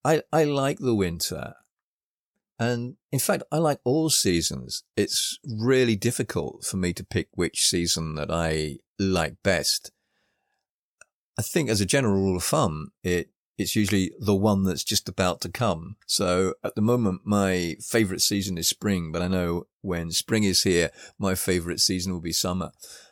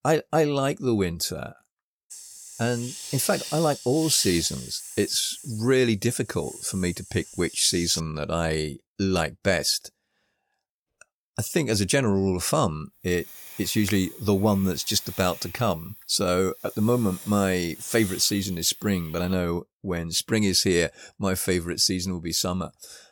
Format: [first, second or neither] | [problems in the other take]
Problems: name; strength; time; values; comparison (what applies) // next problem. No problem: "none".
first | hiss; noticeable; from 2 to 8 s and from 11 to 19 s; 15 dB below the speech